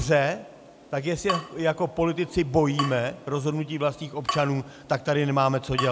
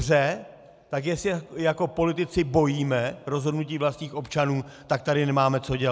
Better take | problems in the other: second | background sound (Drip / Water tap, faucet); 11 dB below the speech

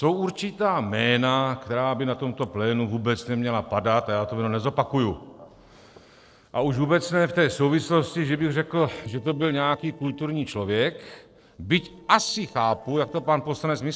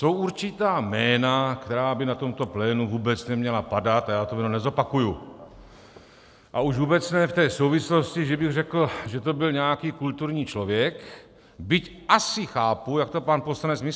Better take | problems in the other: second | noise reduction (neural separator model SepFormer DNS4)

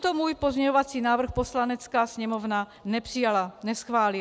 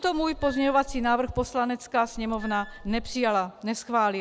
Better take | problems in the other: first | background sound (Squeak / Screech); 13 dB below the speech

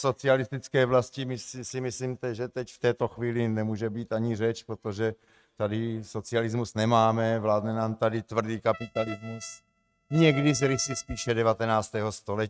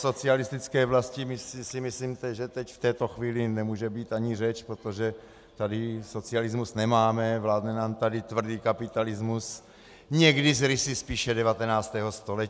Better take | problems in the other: second | noise reduction (neural mask model RNNoise)

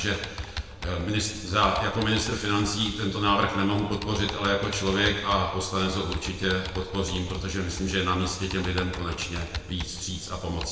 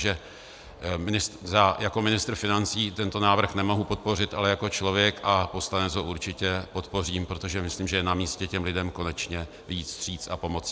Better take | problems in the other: second | background sound (Computer keyboard); 12 dB below the speech // room echo; dies away in 1.2 s

